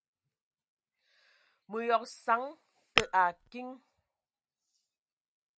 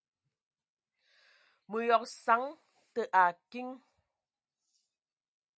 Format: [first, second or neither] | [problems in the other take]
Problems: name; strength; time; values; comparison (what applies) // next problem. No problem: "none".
second | background sound (Tap / Glass); 3 dB above the speech